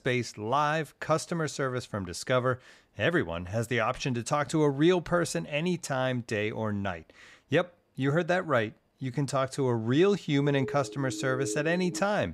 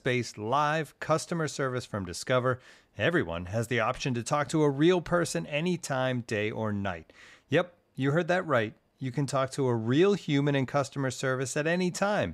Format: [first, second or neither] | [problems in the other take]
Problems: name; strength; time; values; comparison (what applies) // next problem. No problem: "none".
second | siren; noticeable; from 10 s on; peak 7 dB below the speech